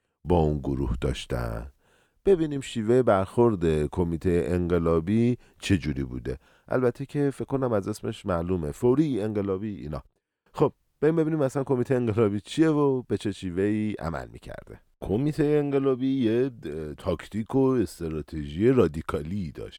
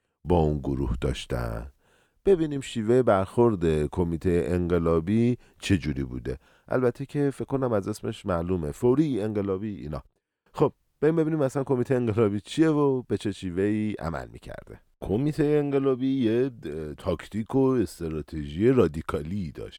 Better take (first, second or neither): neither